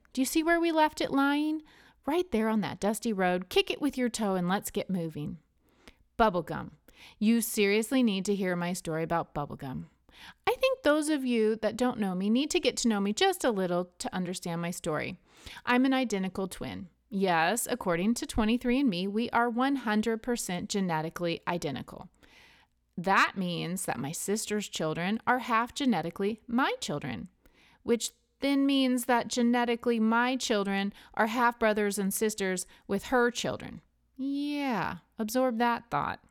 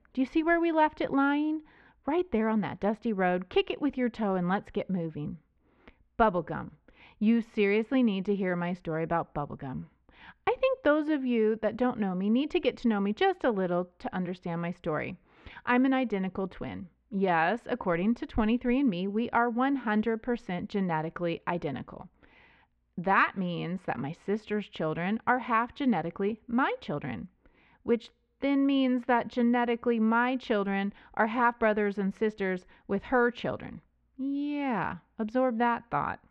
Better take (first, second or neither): first